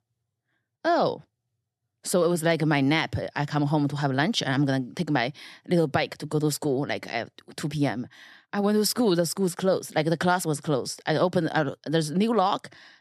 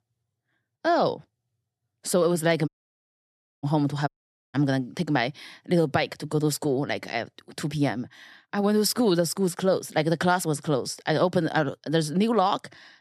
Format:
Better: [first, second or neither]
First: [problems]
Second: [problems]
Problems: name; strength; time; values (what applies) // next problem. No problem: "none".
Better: first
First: none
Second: audio cutting out; at 2.5 s for 1 s and at 4 s